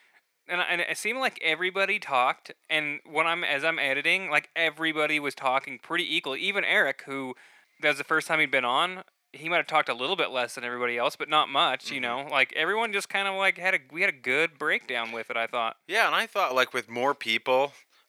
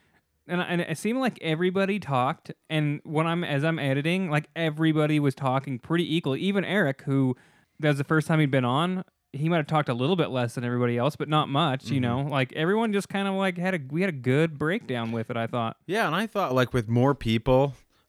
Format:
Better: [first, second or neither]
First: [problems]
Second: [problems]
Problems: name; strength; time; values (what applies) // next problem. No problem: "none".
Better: second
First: thin; very; fading below 600 Hz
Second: none